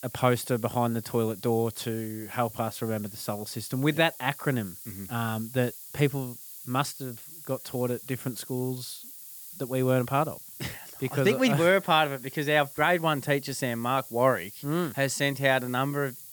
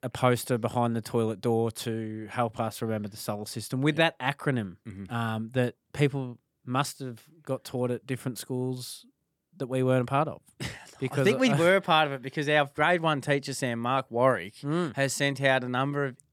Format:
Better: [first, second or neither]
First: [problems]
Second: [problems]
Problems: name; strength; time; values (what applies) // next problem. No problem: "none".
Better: second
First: hiss; noticeable; throughout; 15 dB below the speech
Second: none